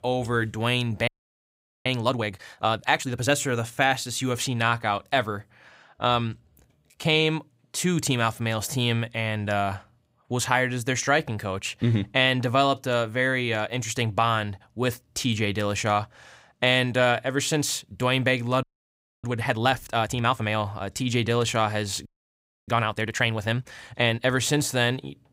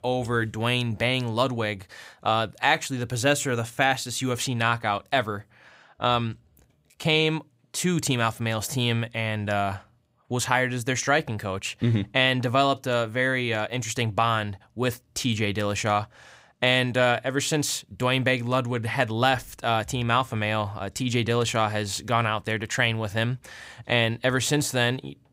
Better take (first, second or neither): second